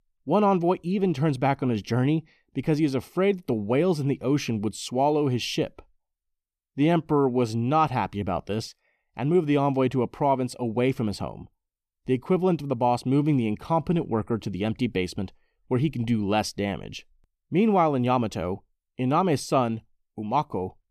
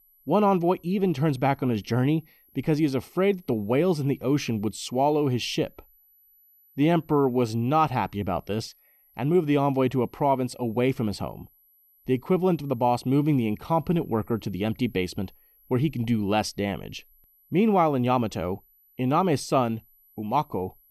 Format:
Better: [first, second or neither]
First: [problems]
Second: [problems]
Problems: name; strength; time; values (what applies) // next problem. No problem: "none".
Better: first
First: none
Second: high-pitched whine; faint; throughout; 12 kHz, 30 dB below the speech